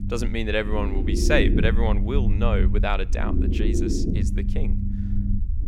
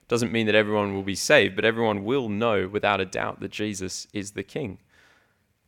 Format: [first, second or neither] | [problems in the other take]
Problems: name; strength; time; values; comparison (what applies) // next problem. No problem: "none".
second | low rumble; loud; throughout; 7 dB below the speech